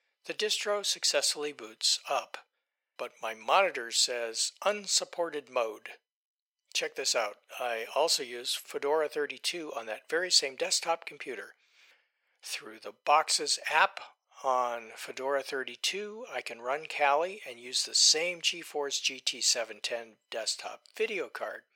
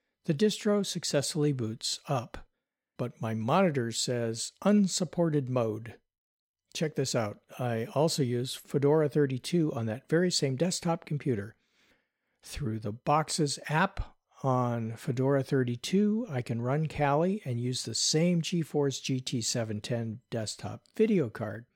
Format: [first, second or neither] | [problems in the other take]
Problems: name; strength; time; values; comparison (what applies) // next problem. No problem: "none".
second | thin; very; fading below 600 Hz